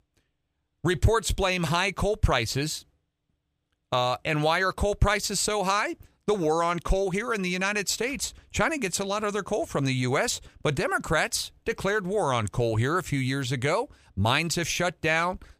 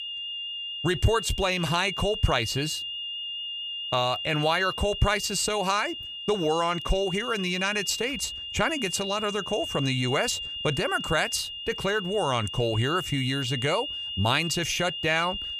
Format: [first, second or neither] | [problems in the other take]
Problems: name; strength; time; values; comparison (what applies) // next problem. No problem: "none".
first | high-pitched whine; loud; throughout; 3 kHz, 5 dB below the speech